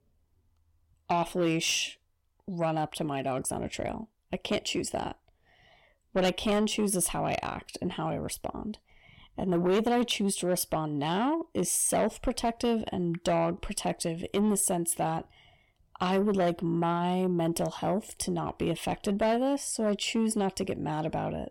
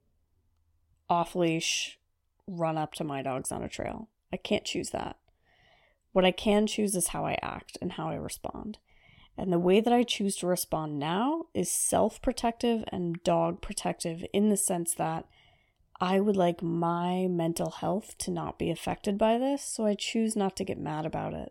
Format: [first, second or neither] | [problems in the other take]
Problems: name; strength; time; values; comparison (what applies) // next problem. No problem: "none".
second | distortion; slight; 10 dB below the speech